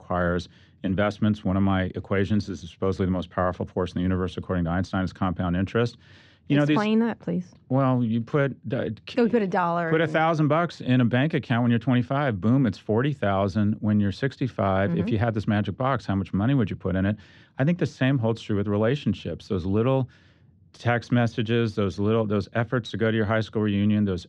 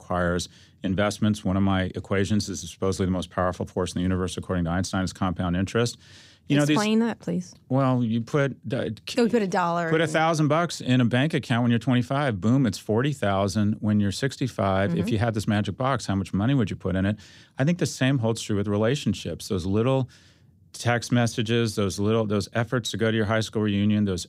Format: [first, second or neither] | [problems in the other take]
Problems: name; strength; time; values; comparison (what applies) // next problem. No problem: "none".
second | muffled; slightly; fading above 3 kHz